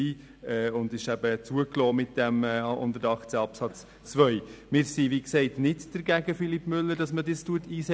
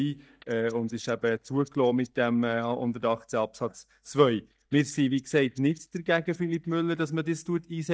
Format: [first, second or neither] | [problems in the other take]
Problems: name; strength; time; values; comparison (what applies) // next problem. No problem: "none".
first | noise reduction (neural mask model DeepFilterNet 3)